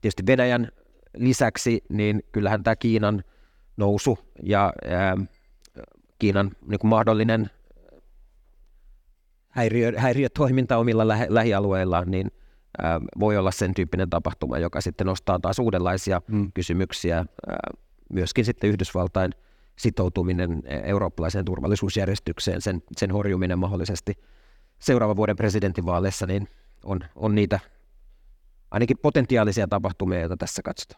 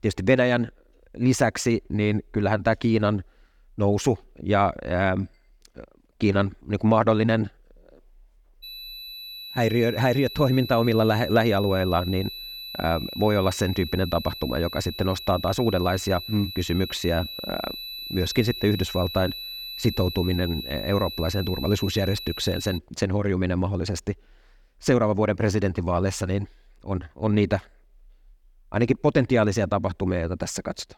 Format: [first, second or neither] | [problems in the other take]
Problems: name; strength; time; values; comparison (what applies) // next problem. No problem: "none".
first | high-pitched whine; loud; from 8.5 to 23 s; 4 kHz, 10 dB below the speech